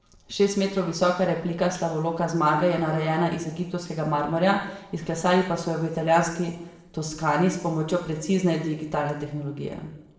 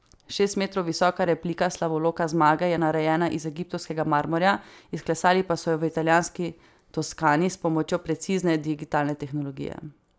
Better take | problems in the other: second | background sound (Burping, eructation); 19 dB below the speech // room echo; dies away in 0.8 s

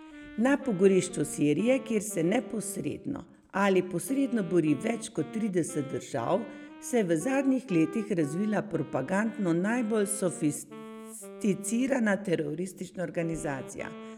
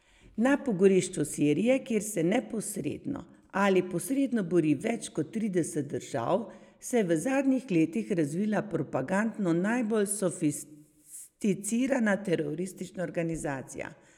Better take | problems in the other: second | background sound (Wind instrument, woodwind instrument); 17 dB below the speech

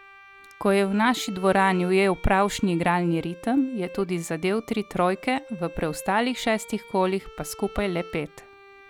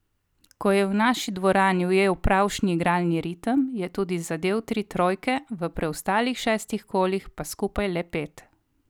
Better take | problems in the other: second | background sound (Bowed string instrument); 19 dB below the speech

